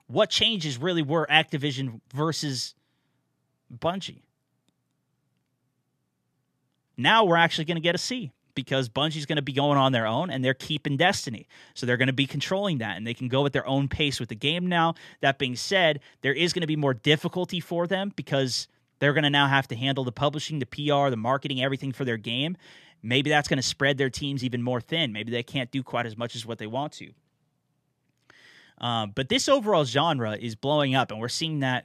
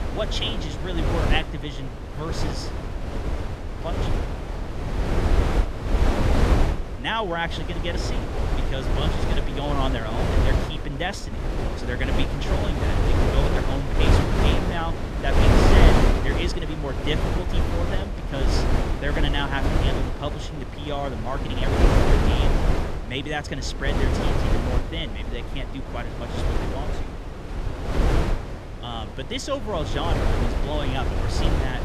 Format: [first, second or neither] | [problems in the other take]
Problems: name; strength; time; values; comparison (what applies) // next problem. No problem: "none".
first | wind noise on the microphone; heavy; 1 dB above the speech